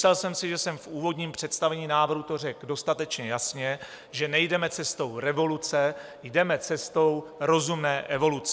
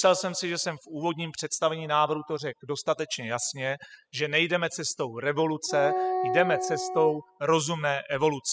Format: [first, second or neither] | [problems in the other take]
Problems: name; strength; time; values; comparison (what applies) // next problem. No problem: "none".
first | noise reduction (classical method spectral subtraction)